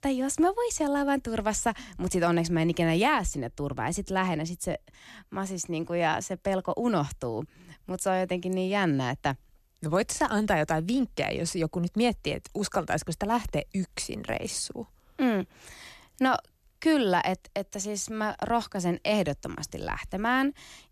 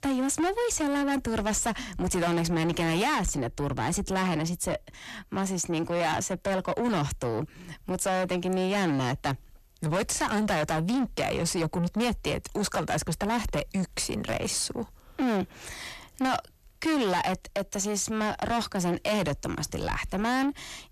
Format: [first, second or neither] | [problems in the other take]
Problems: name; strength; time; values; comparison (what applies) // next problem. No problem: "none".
first | distortion; heavy; 7 dB below the speech